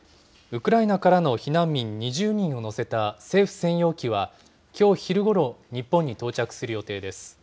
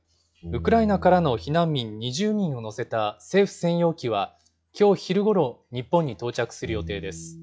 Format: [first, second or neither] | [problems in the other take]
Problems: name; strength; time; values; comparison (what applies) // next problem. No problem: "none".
first | noise reduction (classical method log-MMSE)